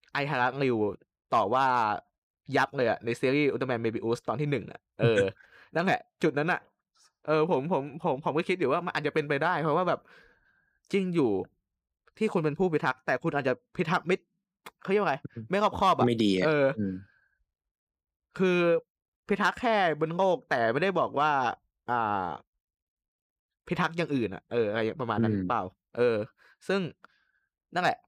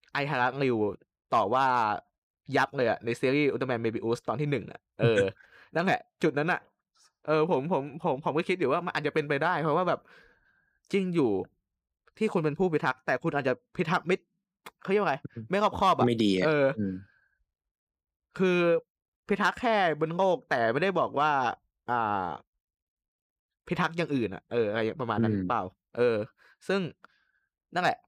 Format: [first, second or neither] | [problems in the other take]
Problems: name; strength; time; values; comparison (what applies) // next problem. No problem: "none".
neither | none